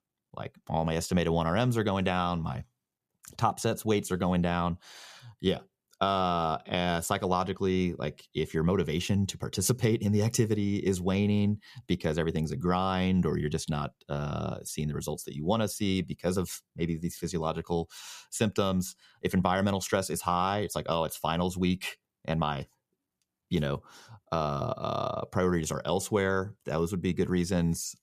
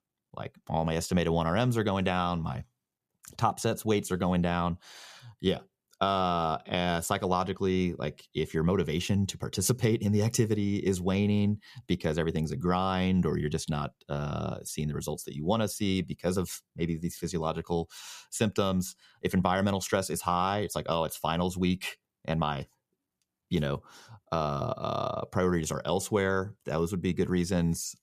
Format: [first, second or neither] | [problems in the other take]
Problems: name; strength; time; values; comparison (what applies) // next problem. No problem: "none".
neither | none